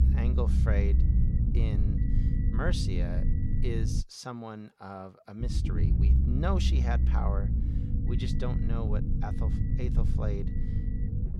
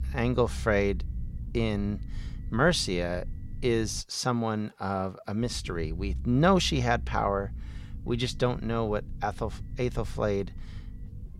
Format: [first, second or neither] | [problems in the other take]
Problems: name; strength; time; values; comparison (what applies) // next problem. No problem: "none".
second | low rumble; loud; until 4 s and from 5.5 s on; 3 dB below the speech; faint in the second